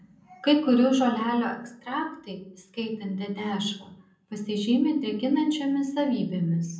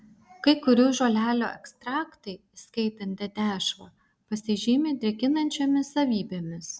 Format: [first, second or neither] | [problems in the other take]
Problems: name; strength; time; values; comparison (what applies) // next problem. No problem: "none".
second | room echo; dies away in 0.6 s